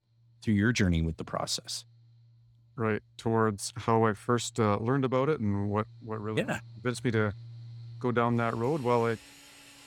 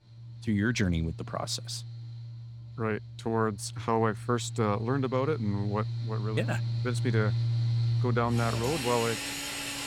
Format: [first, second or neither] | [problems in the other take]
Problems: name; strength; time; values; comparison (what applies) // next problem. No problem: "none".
first | machinery noise; loud; throughout; 2 dB below the speech; faint in the first